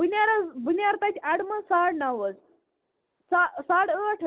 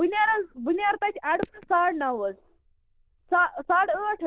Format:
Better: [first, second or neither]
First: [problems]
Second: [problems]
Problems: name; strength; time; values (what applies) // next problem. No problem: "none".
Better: first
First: none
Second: noise reduction (neural diffusion model UNIVERSE++)